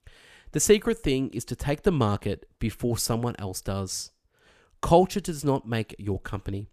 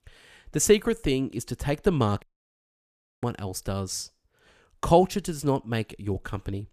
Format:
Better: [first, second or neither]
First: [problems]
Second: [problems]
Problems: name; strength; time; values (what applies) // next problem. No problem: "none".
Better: first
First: none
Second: audio cutting out; at 2 s for 1 s